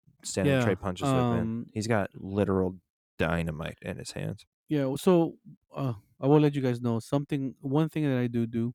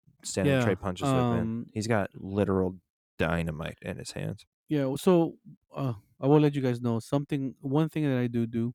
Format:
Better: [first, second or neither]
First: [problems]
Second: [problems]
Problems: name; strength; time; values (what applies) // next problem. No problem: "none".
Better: neither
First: none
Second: none